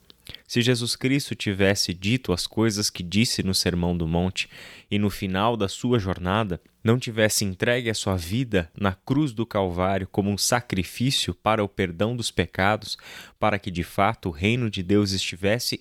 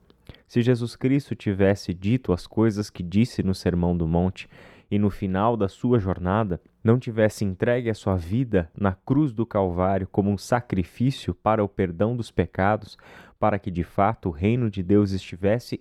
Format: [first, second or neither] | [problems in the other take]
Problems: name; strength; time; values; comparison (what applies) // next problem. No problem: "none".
first | muffled; very; fading above 2 kHz